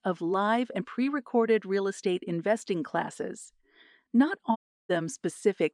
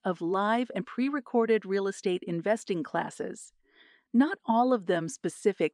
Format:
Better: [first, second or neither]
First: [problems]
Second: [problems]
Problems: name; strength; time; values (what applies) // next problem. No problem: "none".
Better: second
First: audio cutting out; at 4.5 s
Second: none